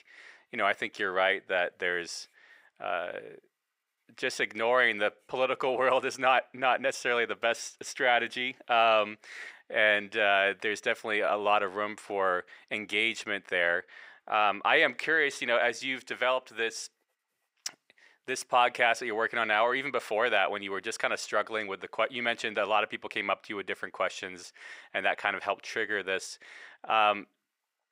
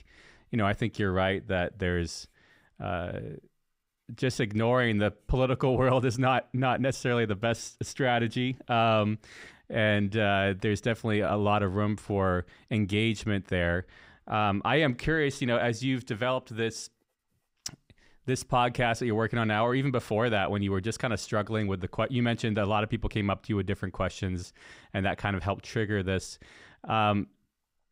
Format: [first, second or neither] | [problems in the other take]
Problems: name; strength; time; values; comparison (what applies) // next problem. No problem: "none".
second | thin; very; fading below 550 Hz